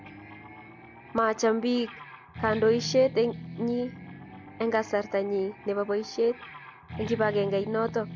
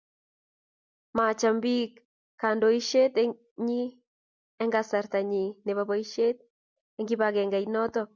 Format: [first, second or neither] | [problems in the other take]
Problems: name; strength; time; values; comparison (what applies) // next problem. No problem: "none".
second | background sound (Guitar); 13 dB below the speech